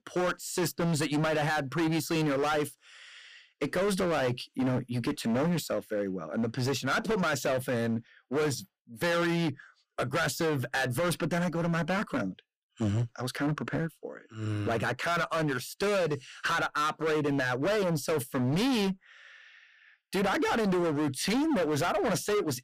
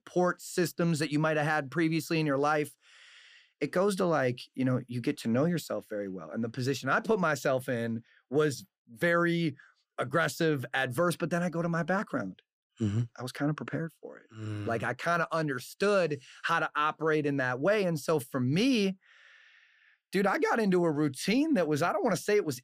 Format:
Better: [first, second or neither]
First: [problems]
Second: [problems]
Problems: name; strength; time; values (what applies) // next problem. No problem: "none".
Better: second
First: distortion; heavy; 21% of the sound clipped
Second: none